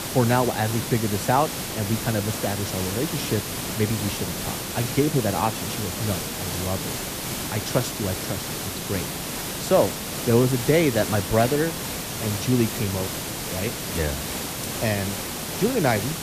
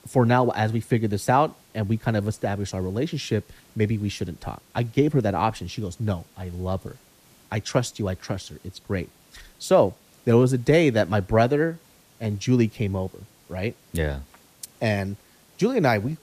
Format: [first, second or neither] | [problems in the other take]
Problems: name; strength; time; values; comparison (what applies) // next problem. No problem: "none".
second | hiss; loud; throughout; 3 dB below the speech; faint in the second